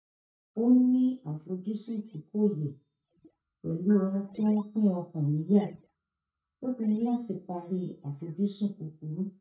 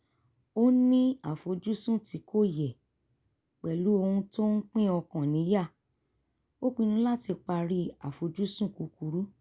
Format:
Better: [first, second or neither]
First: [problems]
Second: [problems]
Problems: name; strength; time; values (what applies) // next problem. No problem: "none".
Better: second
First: noise reduction (neural mask model DeepFilterNet 3)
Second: none